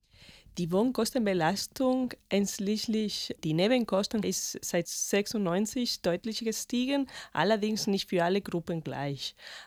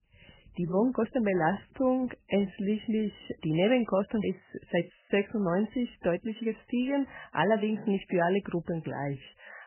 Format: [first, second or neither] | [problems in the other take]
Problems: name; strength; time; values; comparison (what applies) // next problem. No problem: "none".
first | garbled, watery; badly; nothing above 3 kHz